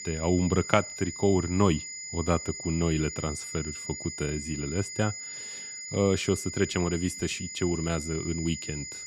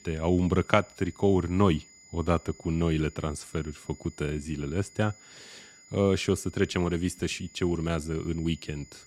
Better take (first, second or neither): second